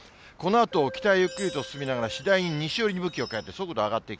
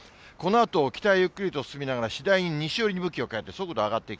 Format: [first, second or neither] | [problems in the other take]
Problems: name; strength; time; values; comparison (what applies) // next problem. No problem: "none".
second | background sound (Keyboard (musical) + Chime); 15 dB below the speech